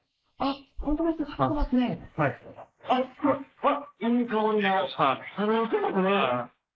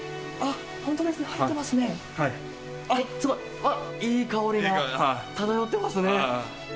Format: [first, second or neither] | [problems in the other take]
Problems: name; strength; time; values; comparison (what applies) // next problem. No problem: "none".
second | noise reduction (neural mask model Resemble Enhance denoiser)